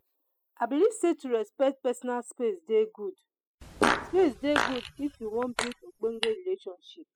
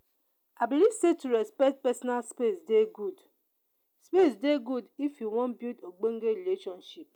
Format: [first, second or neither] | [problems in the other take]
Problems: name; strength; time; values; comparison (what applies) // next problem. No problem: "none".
second | noise reduction (classical method spectral subtraction)